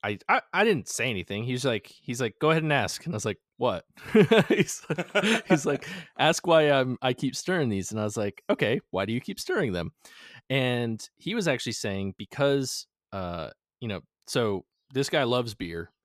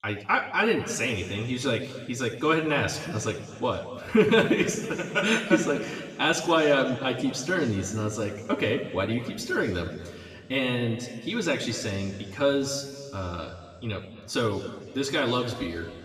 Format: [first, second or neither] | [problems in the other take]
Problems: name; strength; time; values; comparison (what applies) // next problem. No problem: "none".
first | room echo; slight; dies away in 1.9 s // off-mic speech; somewhat distant